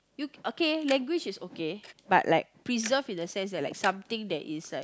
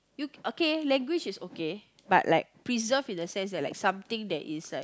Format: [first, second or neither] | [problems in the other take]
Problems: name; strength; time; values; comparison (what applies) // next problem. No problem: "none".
second | background sound (Tick-tock); 19 dB below the speech